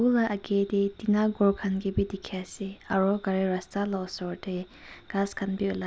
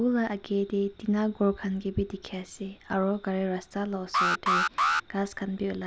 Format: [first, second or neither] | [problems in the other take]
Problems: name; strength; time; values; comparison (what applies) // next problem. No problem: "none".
first | background sound (Alarm); 2 dB above the speech